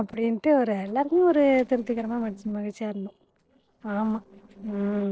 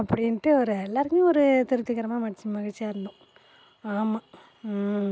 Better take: second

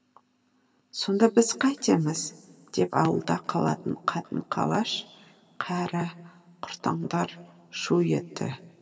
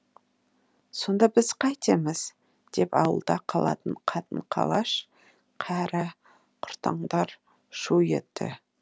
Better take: second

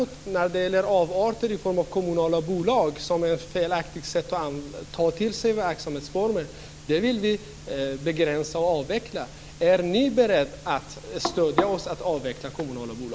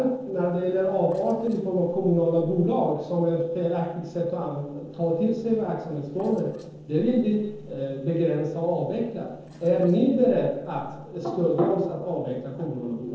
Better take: first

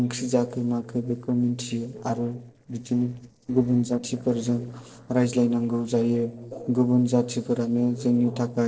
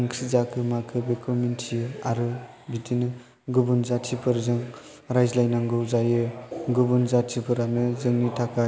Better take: second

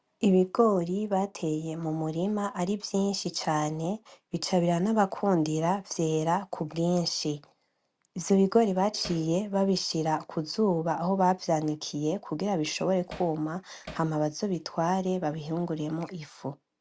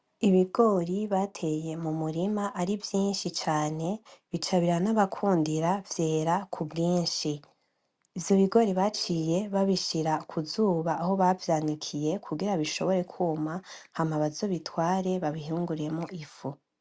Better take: second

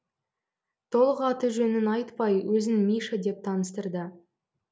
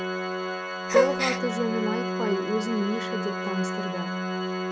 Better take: first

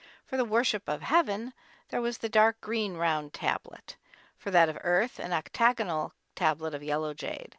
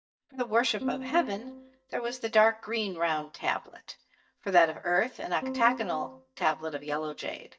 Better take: first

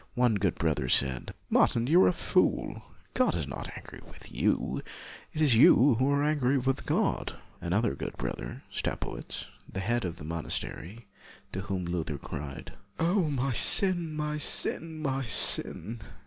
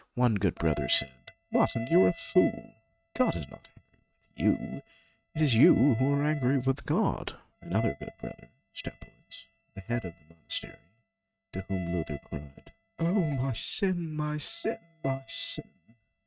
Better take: first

